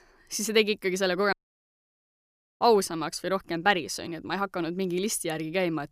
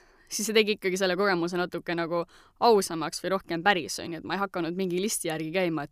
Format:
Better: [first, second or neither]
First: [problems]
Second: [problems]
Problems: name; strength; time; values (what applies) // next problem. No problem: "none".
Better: second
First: audio cutting out; at 1.5 s for 1.5 s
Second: none